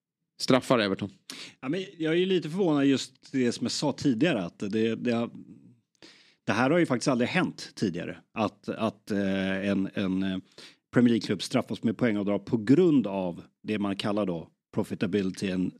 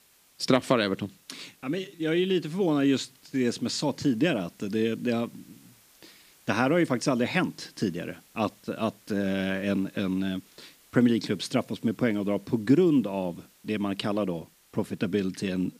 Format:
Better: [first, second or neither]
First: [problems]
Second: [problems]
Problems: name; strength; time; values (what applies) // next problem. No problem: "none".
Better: first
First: none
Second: hiss; faint; throughout; 30 dB below the speech